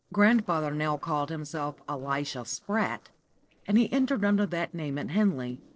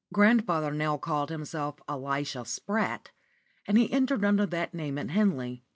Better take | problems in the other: second | noise reduction (neural separator model SepFormer DNS4)

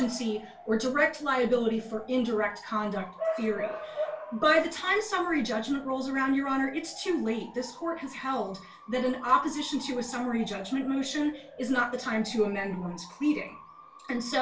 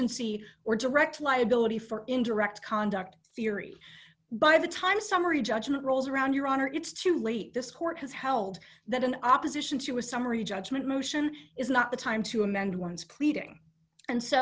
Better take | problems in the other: second | background sound (Bark / Motor vehicle (road) / Siren); 13 dB below the speech // room echo; dies away in 0.3 s

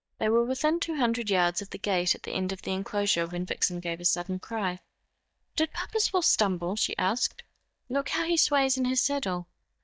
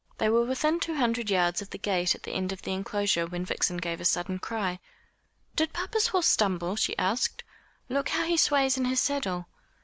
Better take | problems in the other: second | noise reduction (neural mask model DeepFilterNet 3)

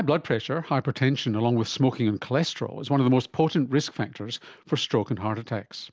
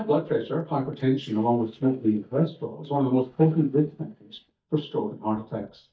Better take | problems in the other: first | noise reduction (neural mask model DeepFilterNet 3)

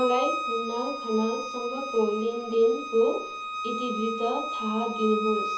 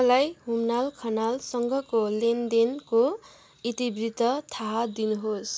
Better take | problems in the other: second | background sound (Bowed string instrument); 5 dB below the speech // room echo; dies away in 0.7 s

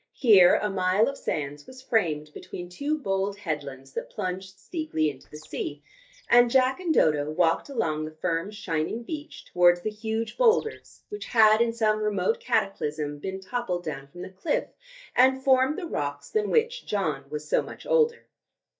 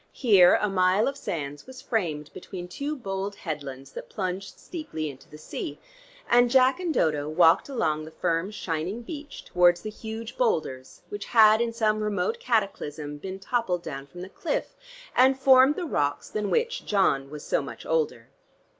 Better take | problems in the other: second | noise reduction (neural mask model DeepFilterNet 3)

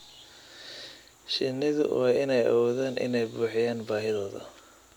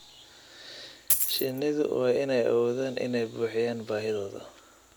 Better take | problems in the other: first | background sound (Coin (dropping)); 2 dB above the speech

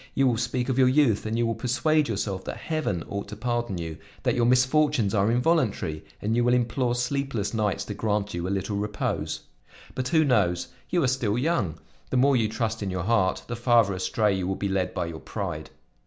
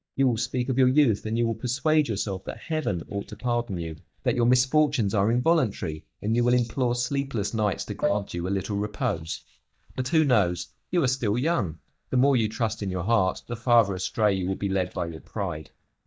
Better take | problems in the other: first | noise reduction (neural mask model DeepFilterNet 3)

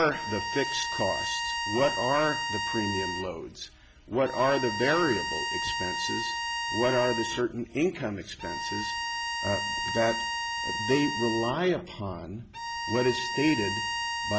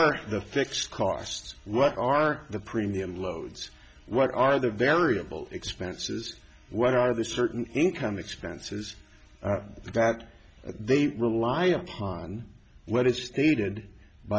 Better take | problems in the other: second | background sound (Bowed string instrument); 3 dB below the speech

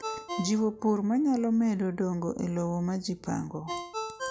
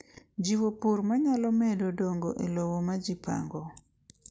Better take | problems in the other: second | background sound (Ringtone); 12 dB below the speech

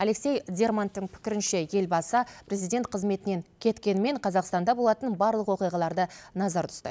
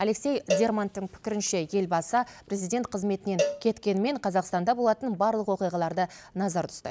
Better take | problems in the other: first | background sound (Cowbell); 8 dB below the speech

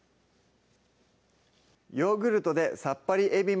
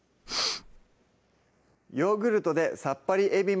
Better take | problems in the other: first | noise reduction (neural mask model Resemble Enhance denoiser)

